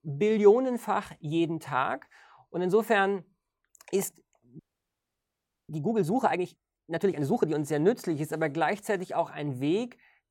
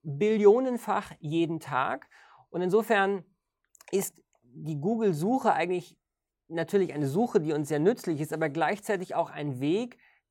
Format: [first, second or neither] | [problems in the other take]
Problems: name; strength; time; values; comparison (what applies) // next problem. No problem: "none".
second | audio freezing; at 4.5 s for 1 s